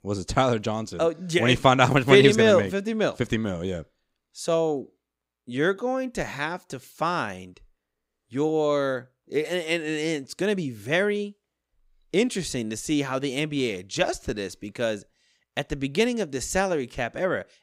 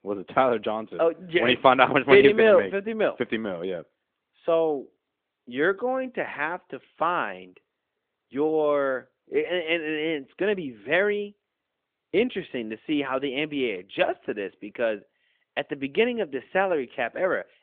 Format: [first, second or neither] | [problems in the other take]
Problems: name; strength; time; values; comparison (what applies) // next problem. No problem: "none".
first | phone-call audio; nothing above 3.5 kHz